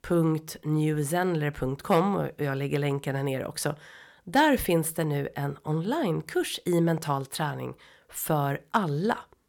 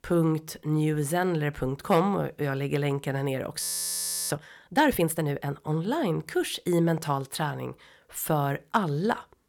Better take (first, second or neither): first